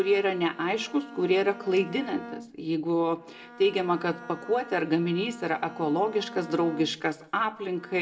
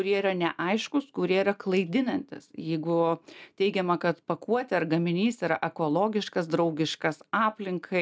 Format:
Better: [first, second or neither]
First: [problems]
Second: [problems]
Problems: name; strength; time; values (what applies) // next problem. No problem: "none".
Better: second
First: background sound (Bowed string instrument); 17 dB below the speech // room echo; dies away in 0.6 s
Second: none